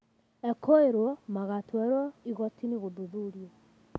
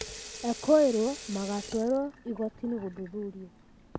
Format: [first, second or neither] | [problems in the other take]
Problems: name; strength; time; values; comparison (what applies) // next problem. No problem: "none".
first | background sound (Sink (filling or washing) / Water tap, faucet); 15 dB below the speech